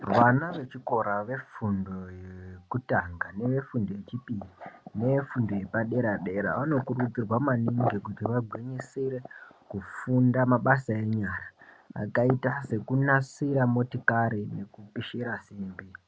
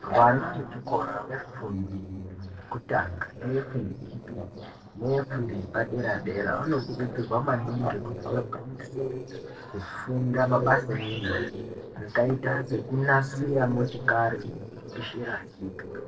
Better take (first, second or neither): first